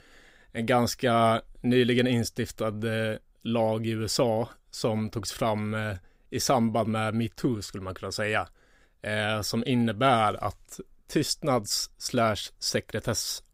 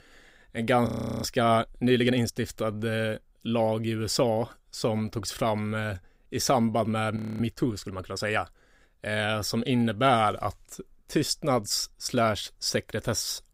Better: first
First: none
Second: audio freezing; at 1 s and at 7 s

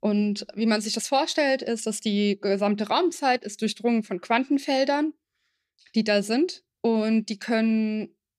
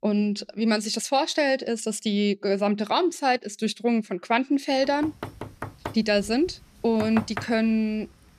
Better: first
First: none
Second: door banging; noticeable; from 5 to 7.5 s; peak 8 dB below the speech

